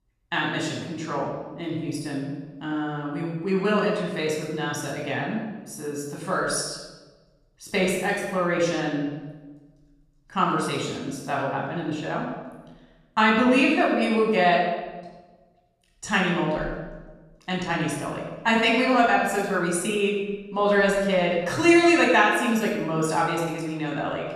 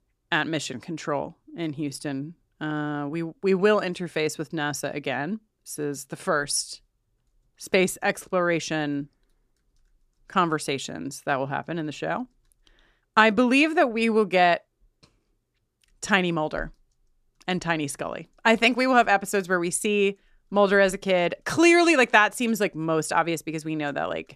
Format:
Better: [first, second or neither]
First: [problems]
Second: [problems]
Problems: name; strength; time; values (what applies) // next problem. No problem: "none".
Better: second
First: off-mic speech; far // room echo; noticeable; dies away in 1 s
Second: none